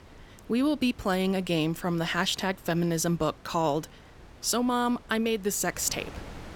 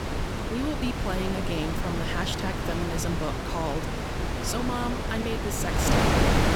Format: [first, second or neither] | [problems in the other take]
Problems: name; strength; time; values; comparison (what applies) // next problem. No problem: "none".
first | wind noise on the microphone; heavy; 3 dB above the speech; occasional gusts in the first